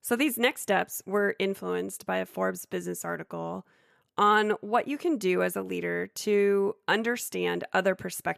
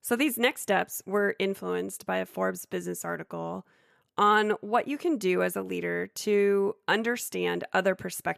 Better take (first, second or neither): neither